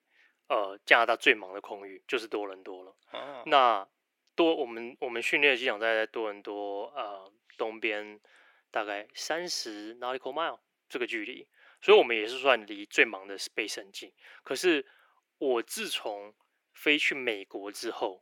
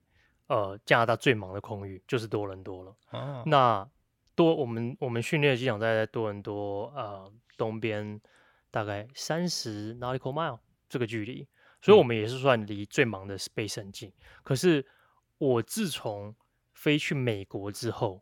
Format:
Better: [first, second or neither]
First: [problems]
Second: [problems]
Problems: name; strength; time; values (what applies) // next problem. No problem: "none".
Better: second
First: thin; somewhat; fading below 300 Hz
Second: none